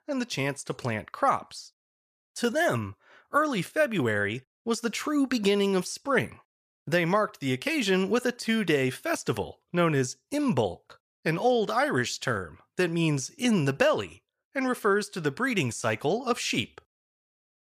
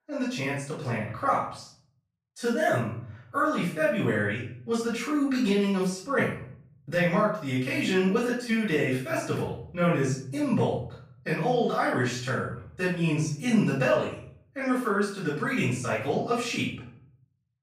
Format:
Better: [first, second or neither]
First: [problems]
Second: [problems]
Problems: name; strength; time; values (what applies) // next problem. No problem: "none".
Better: first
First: none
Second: off-mic speech; far // room echo; noticeable; dies away in 0.6 s